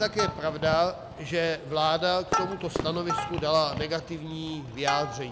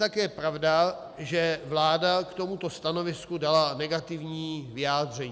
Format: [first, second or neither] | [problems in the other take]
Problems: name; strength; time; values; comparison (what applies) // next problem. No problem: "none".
second | background sound (Fireworks + Plucked string instrument); 6 dB below the speech